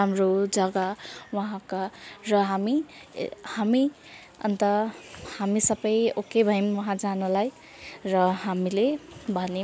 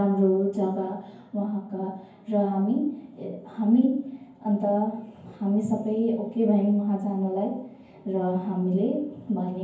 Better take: first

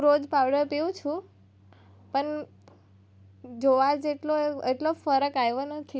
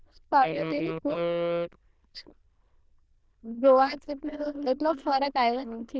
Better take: first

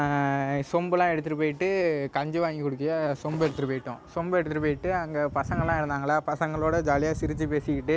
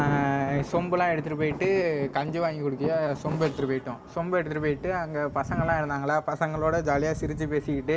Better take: first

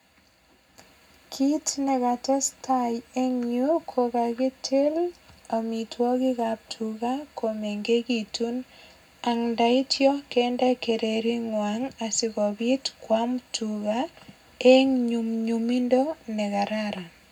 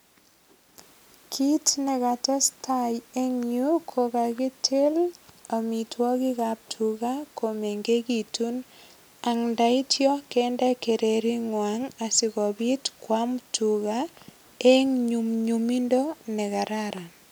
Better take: second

